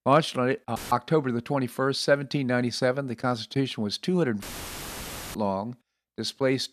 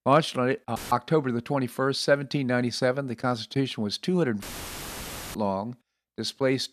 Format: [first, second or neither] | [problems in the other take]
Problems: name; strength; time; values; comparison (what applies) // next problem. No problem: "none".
neither | audio cutting out; filled with static; at 1 s and at 4.5 s for 1 s; the same in both